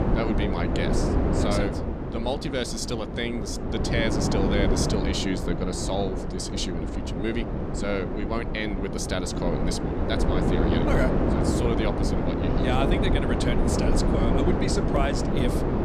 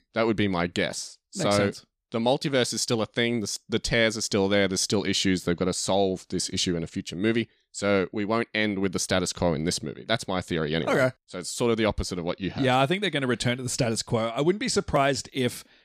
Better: second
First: wind noise on the microphone; heavy; as loud as the speech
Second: none

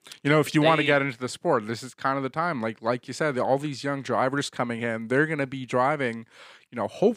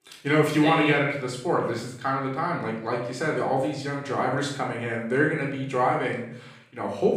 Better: first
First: none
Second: off-mic speech; far // room echo; noticeable; dies away in 0.6 s

